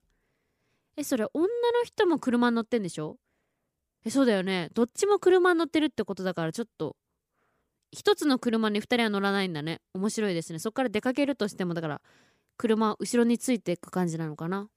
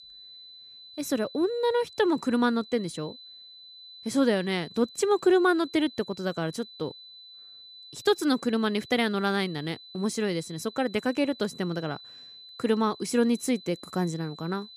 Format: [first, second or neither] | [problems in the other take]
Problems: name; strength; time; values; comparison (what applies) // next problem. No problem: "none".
first | high-pitched whine; noticeable; throughout; 4 kHz, 20 dB below the speech